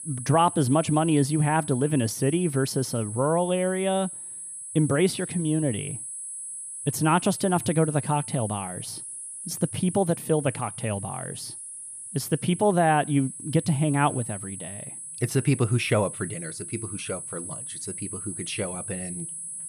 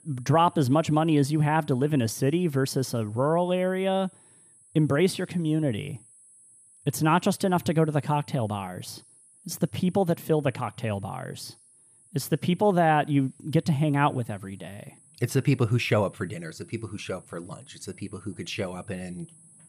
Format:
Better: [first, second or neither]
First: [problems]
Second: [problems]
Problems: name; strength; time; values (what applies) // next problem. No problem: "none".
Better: second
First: high-pitched whine; loud; throughout; 10.5 kHz, 9 dB below the speech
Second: high-pitched whine; faint; throughout; 10.5 kHz, 25 dB below the speech